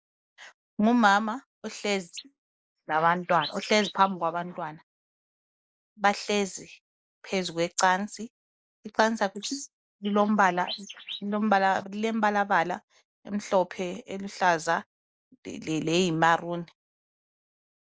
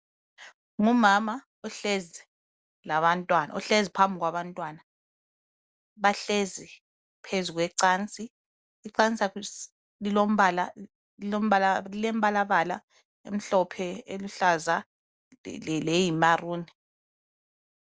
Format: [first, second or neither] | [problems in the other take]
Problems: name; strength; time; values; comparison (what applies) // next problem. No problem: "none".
second | noise reduction (neural mask model Resemble Enhance denoiser)